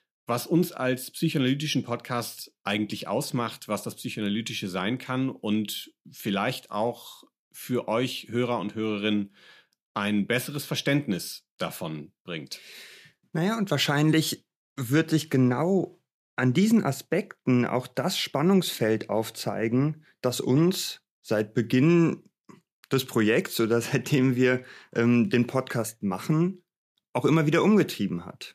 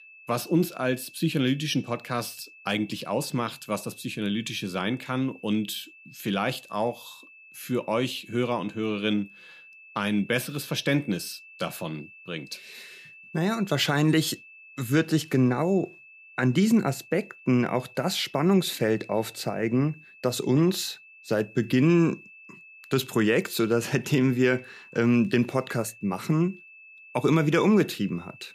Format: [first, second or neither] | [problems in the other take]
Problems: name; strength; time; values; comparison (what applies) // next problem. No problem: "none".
first | high-pitched whine; faint; throughout; 2.5 kHz, 20 dB below the speech